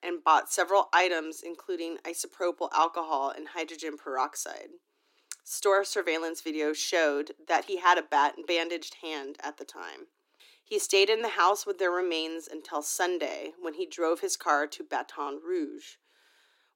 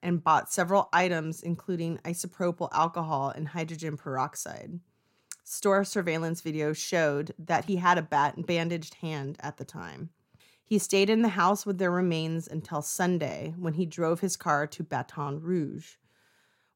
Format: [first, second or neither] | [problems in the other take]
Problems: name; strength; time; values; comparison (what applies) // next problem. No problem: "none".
second | thin; very; fading below 300 Hz